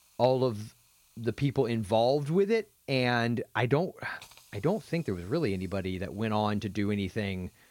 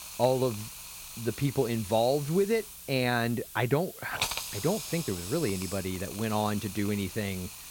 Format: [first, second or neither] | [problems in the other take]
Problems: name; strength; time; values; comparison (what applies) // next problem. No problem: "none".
first | hiss; loud; throughout; 8 dB below the speech; faint in the first